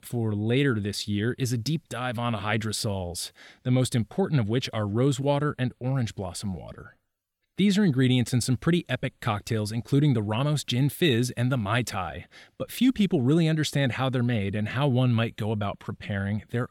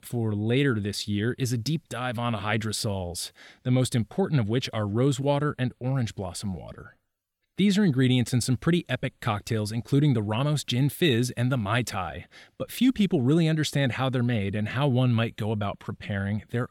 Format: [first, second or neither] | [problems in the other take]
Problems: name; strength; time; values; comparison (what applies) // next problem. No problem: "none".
neither | none